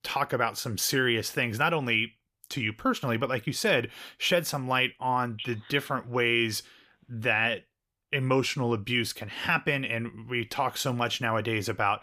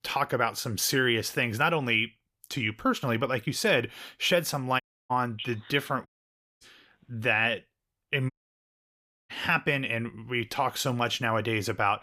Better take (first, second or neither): first